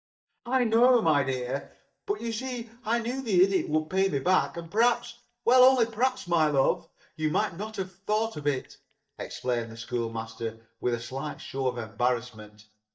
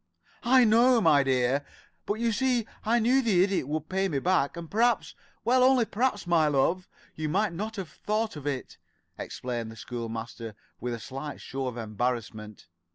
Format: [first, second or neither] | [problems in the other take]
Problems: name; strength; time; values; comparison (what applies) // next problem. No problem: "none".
second | noise reduction (neural mask model DeepFilterNet 3)